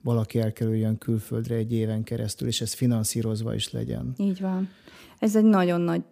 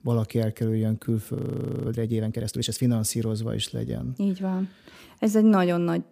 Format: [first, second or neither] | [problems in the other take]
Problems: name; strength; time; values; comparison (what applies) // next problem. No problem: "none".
first | audio freezing; at 1.5 s for 0.5 s